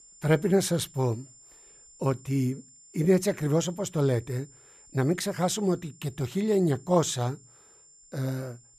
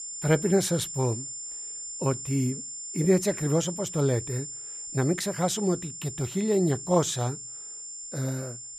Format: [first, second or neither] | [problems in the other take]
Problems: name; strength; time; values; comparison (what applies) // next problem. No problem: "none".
first | high-pitched whine; loud; throughout; 7 kHz, 8 dB below the speech; faint in the first